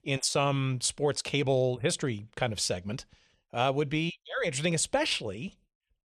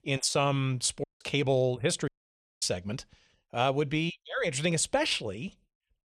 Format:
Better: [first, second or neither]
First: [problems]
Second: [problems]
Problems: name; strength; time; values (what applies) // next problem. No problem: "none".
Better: first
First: none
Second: audio cutting out; at 1 s and at 2 s for 0.5 s